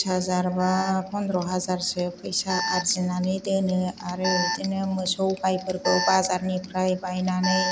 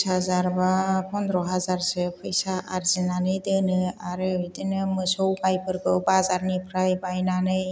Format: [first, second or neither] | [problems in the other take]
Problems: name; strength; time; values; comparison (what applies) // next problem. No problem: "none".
second | background sound (Alarm); 8 dB below the speech